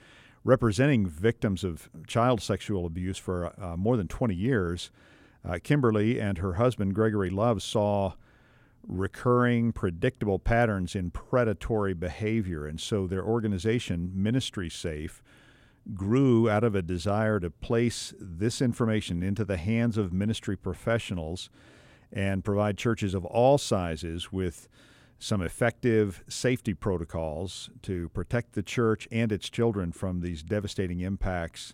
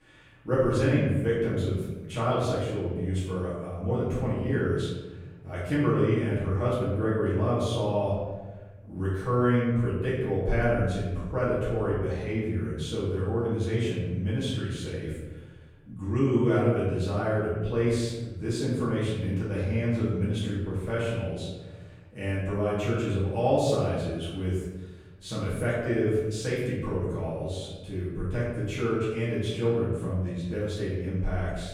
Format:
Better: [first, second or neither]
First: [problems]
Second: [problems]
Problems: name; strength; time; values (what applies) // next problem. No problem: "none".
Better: first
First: none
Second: off-mic speech; far // room echo; noticeable; dies away in 1.1 s